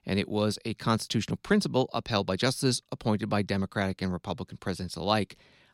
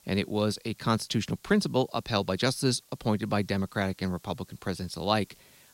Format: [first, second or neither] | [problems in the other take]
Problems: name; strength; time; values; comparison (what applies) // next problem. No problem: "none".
first | hiss; faint; throughout; 30 dB below the speech